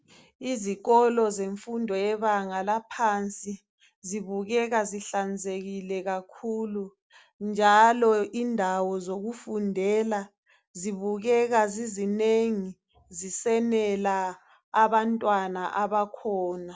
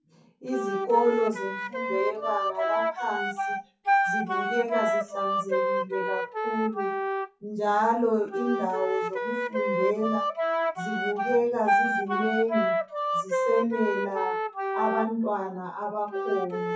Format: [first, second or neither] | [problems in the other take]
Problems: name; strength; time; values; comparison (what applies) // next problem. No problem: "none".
first | noise reduction (classical method WPE with log-MMSE)